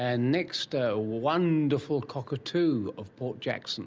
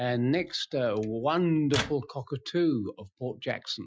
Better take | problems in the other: first | noise reduction (classical method Wiener filter)

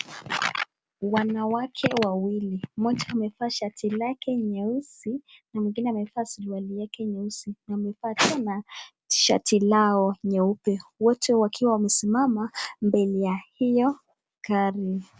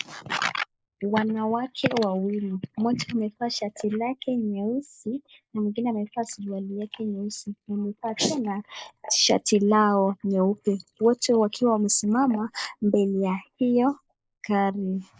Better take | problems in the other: first | noise reduction (neural mask model Resemble Enhance denoiser)

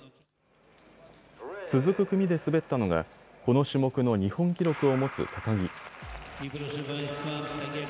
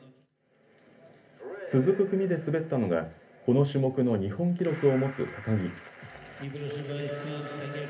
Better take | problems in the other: first | room echo; dies away in 0.3 s

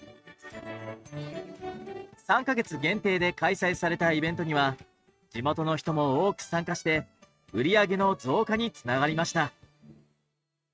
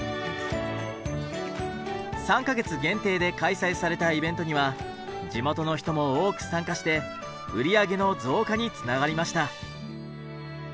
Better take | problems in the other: second | noise reduction (neural mask model RNNoise)

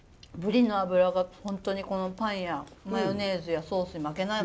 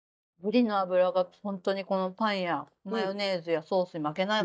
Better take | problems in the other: first | noise reduction (neural mask model DeepFilterNet 3)

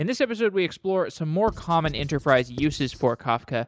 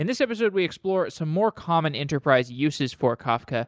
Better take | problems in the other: second | background sound (Writing); 15 dB below the speech

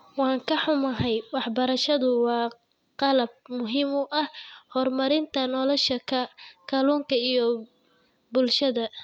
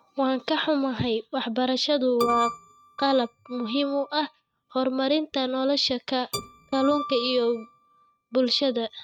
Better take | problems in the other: first | noise reduction (neural mask model RNNoise)

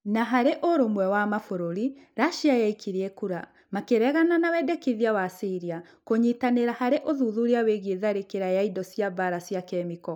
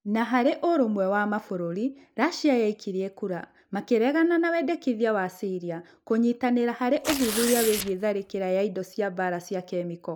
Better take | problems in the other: first | background sound (Tearing); 7 dB below the speech

